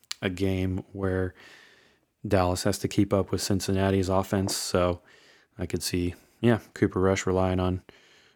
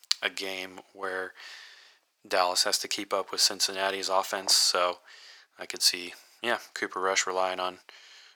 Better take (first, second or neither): first